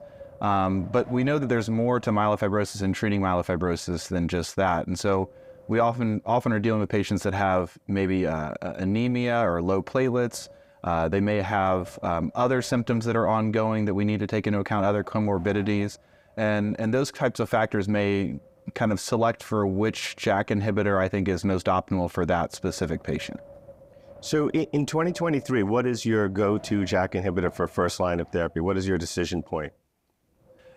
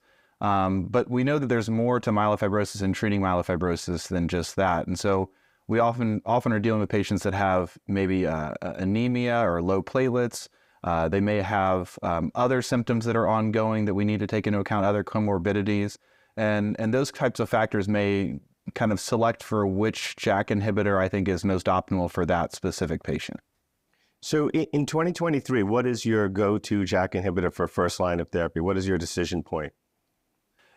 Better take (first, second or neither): second